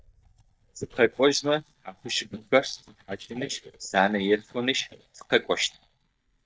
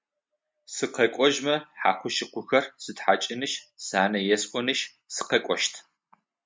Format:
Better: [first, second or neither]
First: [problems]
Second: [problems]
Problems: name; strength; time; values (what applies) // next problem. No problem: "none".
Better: second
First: noise reduction (neural mask model DeepFilterNet 3)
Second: none